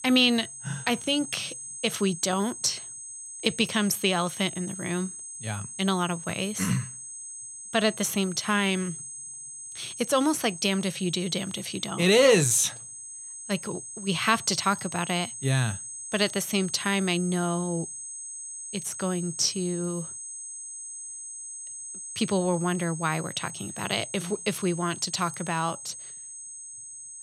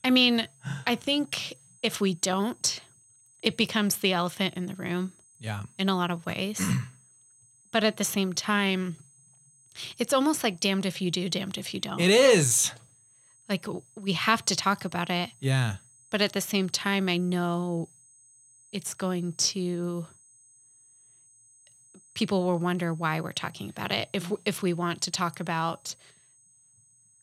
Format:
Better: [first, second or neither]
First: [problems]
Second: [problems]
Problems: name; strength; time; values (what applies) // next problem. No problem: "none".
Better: second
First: high-pitched whine; loud; throughout; 8 kHz, 10 dB below the speech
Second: high-pitched whine; faint; throughout; 8 kHz, 30 dB below the speech